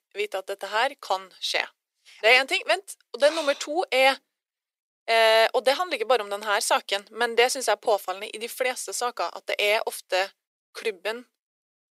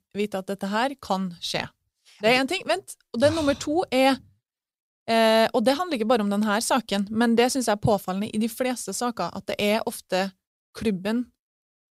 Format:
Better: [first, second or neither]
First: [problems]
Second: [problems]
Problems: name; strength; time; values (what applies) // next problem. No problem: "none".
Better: second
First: thin; very; fading below 400 Hz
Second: none